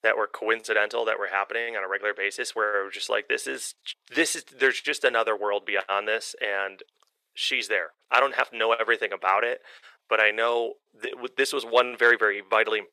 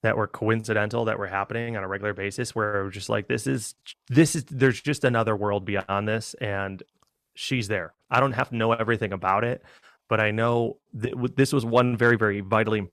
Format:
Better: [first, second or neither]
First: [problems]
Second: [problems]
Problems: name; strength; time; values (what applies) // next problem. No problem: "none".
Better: second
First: thin; very; fading below 450 Hz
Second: none